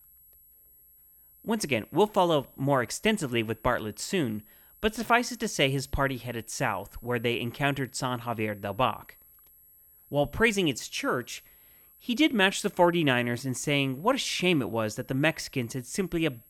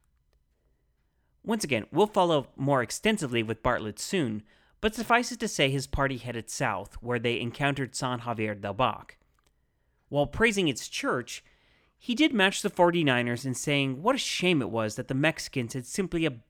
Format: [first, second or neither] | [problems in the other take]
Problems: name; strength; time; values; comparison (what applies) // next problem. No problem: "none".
second | high-pitched whine; faint; throughout; 11.5 kHz, 25 dB below the speech